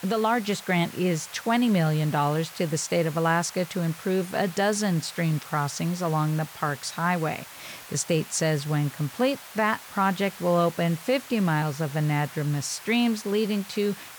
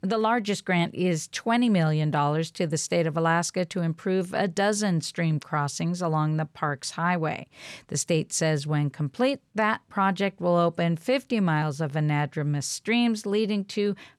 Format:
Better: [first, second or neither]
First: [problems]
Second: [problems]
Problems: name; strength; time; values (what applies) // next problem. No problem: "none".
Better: second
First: hiss; noticeable; throughout; 15 dB below the speech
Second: none